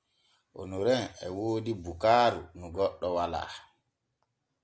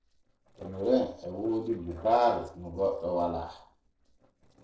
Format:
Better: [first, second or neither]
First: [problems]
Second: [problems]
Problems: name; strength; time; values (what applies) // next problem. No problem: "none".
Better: first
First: none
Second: noise reduction (neural separator model SepFormer DNS4)